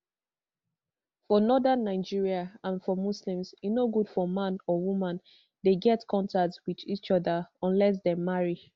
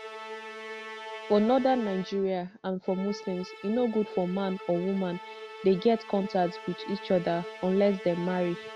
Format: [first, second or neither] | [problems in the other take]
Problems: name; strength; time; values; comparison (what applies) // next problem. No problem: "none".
first | background sound (Musical instrument); 13 dB below the speech